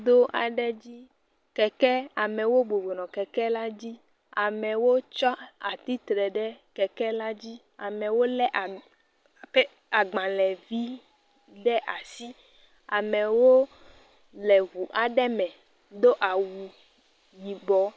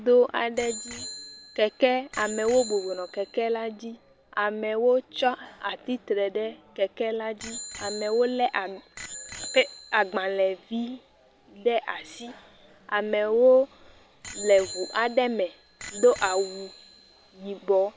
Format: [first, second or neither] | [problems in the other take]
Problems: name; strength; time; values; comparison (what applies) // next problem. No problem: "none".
first | background sound (Bicycle bell); 17 dB below the speech